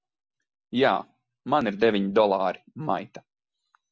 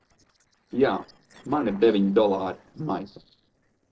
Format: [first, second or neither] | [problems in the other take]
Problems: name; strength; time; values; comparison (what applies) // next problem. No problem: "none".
first | noise reduction (neural separator model SepFormer DNS4)